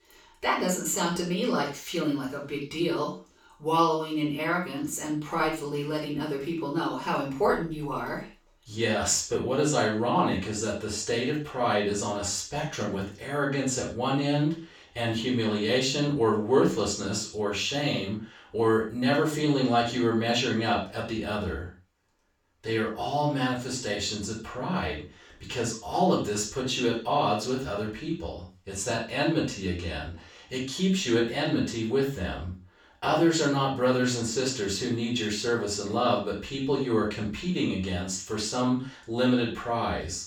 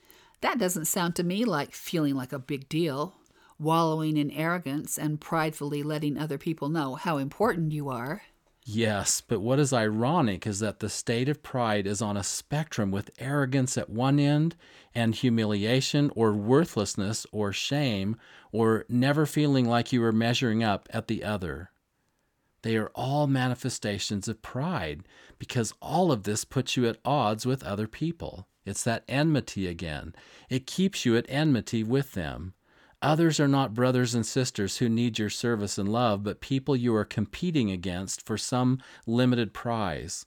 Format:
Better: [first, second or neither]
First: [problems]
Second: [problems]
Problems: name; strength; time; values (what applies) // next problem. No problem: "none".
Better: second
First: room echo; noticeable; dies away in 0.3 s // off-mic speech; far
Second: none